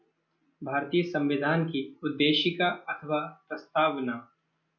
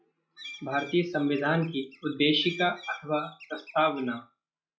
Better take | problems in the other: first | noise reduction (classical method log-MMSE)

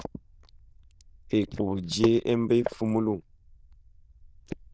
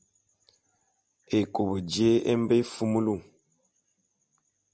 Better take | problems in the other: second | noise reduction (neural diffusion model UNIVERSE++)

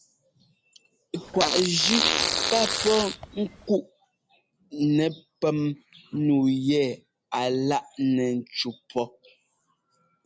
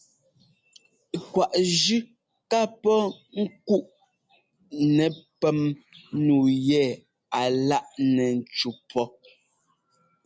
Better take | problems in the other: second | background sound (Fart); as loud as the speech

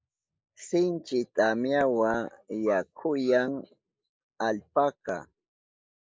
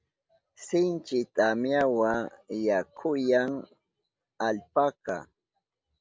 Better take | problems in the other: second | noise reduction (neural mask model Resemble Enhance denoiser)

